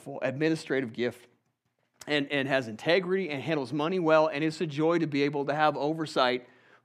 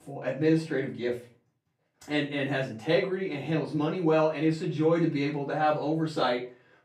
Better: first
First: none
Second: off-mic speech; far // room echo; slight; dies away in 0.3 s

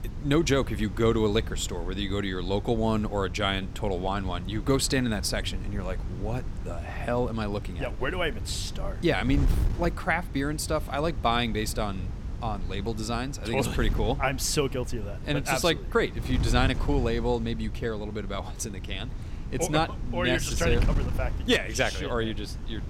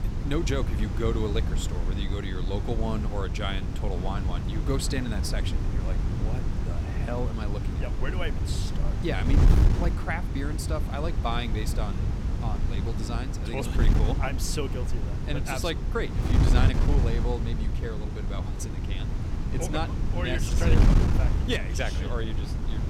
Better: first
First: wind noise on the microphone; occasional gusts; 15 dB below the speech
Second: wind noise on the microphone; heavy; 4 dB below the speech

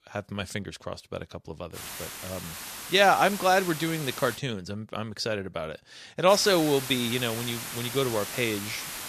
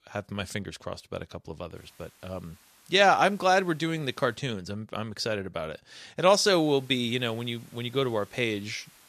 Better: second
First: hiss; loud; from 2 to 4.5 s and from 6.5 s on; 9 dB below the speech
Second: hiss; faint; from 2 to 4.5 s and from 6.5 s on; 30 dB below the speech

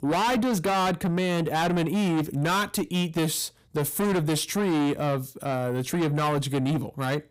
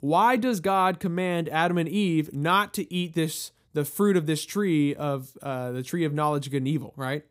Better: second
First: distortion; heavy; 6 dB below the speech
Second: none

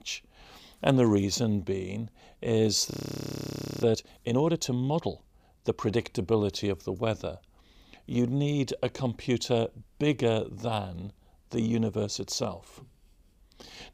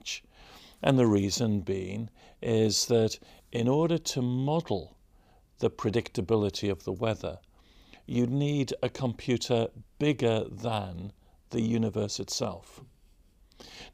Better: second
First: audio freezing; at 3 s for 1 s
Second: none

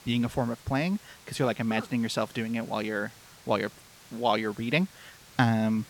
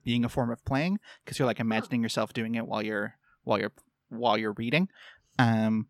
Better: second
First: hiss; faint; throughout; 20 dB below the speech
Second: none

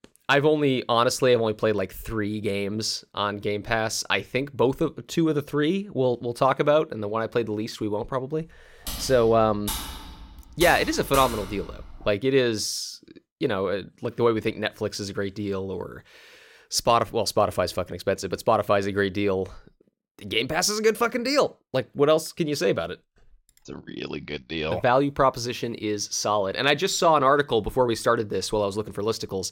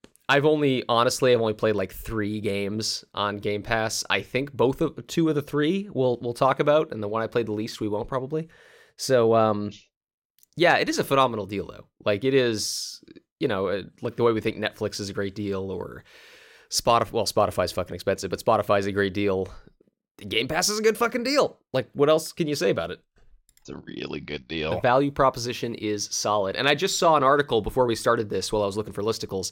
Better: second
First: keyboard typing; noticeable; from 9 to 12 s; peak 6 dB below the speech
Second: none

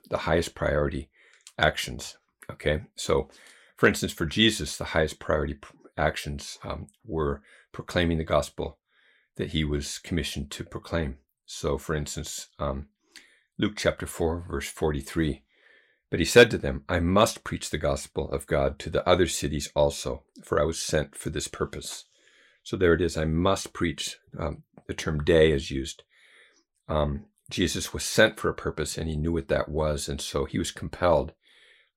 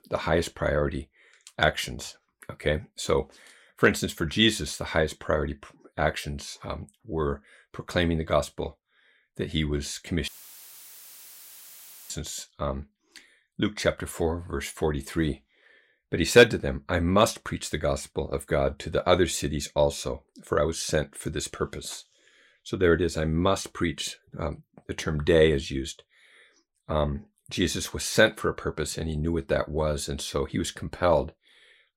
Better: first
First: none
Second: audio cutting out; filled with static; at 10 s for 2 s

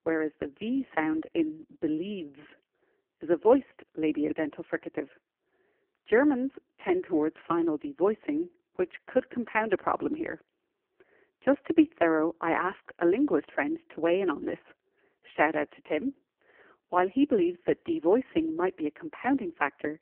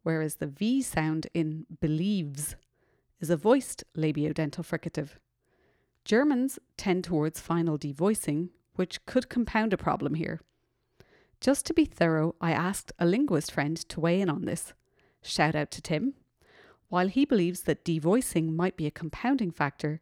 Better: second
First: phone-call audio; poor line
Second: none

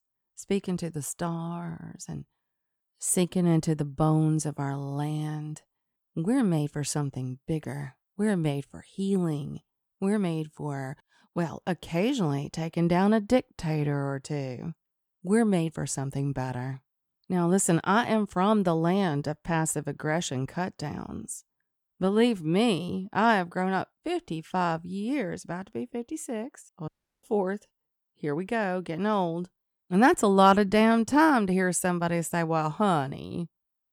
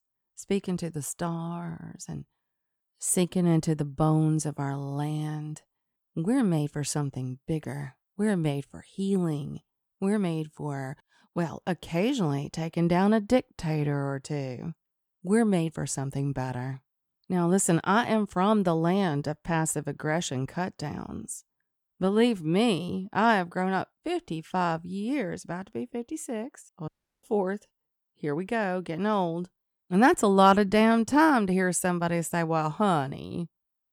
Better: neither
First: audio cutting out; at 27 s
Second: audio cutting out; at 27 s

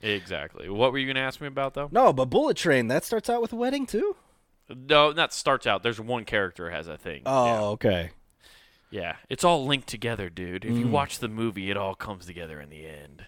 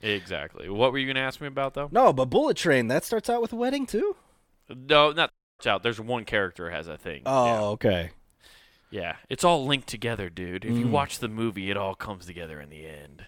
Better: first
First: none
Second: audio cutting out; at 5.5 s

